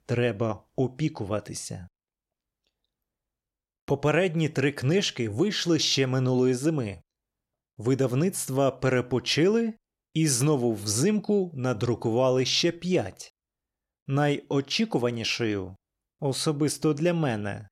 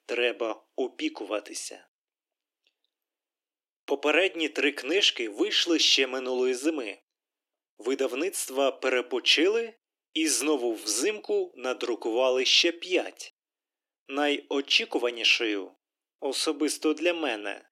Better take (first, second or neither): first